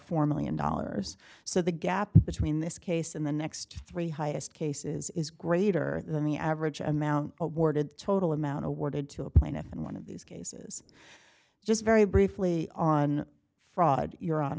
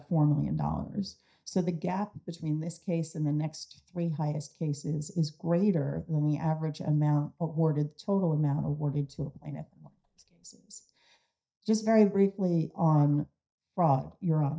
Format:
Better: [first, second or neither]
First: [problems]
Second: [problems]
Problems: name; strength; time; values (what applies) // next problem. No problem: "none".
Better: first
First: none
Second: noise reduction (neural mask model DeepFilterNet 3)